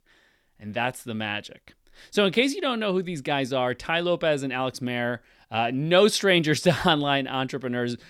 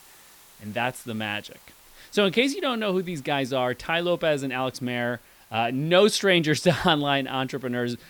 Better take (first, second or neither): first